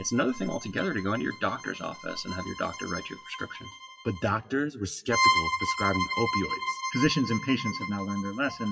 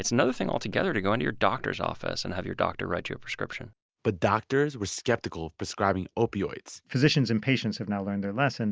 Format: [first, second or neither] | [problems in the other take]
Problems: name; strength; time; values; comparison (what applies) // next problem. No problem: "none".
second | noise reduction (classical method WPE with log-MMSE)